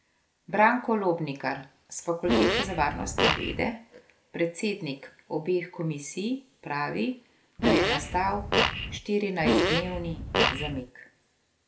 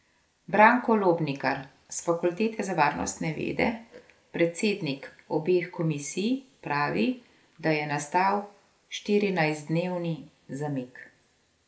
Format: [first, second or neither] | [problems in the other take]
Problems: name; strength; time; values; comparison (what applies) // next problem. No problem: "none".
second | background sound (Fart); 4 dB above the speech